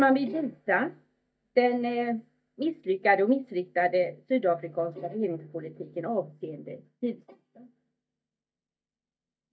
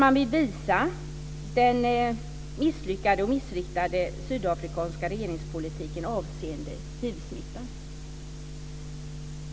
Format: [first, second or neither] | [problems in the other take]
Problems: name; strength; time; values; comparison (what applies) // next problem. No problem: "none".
second | noise reduction (neural mask model DeepFilterNet 3)